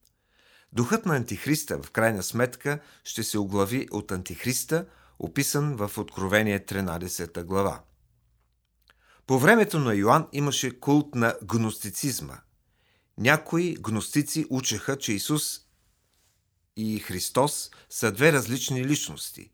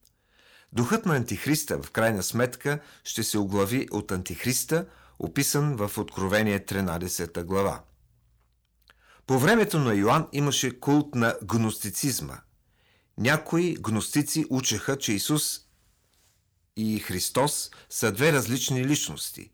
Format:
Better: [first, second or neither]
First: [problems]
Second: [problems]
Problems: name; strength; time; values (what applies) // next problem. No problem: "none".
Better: first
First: none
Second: distortion; slight; 10 dB below the speech